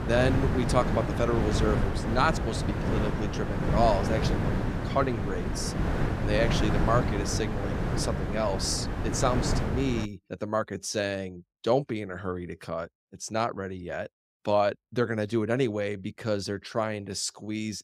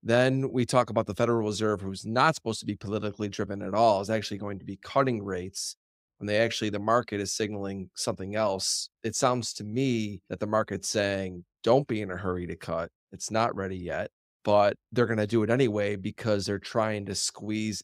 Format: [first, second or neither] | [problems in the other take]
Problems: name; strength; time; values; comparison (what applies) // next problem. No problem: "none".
second | wind noise on the microphone; heavy; until 10 s; 4 dB below the speech